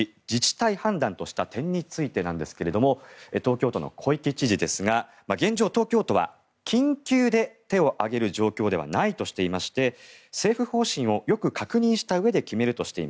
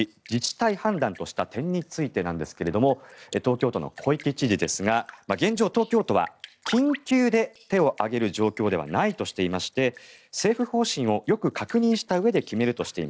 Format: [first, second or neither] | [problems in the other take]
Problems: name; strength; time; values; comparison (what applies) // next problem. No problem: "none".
first | noise reduction (neural separator model SepFormer DNS4)